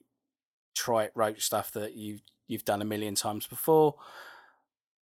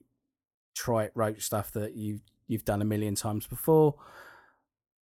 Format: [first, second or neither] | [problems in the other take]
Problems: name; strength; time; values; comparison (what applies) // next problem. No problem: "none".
second | thin; somewhat; fading below 450 Hz